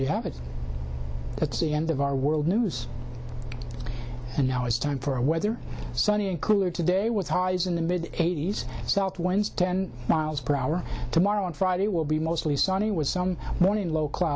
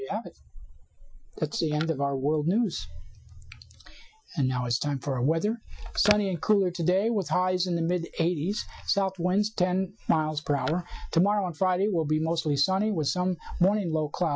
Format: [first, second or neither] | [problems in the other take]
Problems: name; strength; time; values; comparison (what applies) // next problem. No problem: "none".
first | noise reduction (classical method Wiener filter)